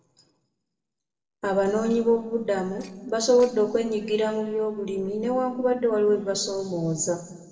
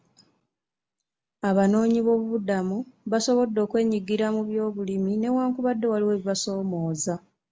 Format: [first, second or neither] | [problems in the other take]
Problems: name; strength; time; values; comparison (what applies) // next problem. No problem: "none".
second | noise reduction (neural separator model SepFormer DNS4)